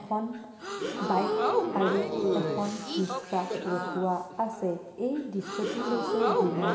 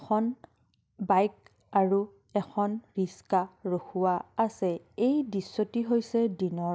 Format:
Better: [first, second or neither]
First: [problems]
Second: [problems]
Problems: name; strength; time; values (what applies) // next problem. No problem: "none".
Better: second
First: background sound (Crowd / Gasp); as loud as the speech // room echo; dies away in 2 s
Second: none